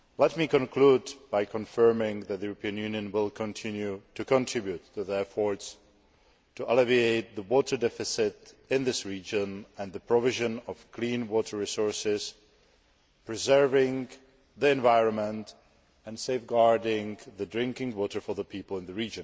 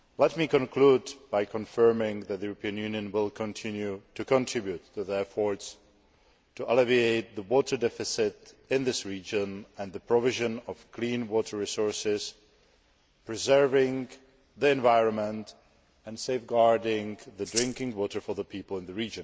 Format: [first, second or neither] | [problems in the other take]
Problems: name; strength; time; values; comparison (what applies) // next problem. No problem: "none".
first | background sound (Rattle (instrument)); 6 dB below the speech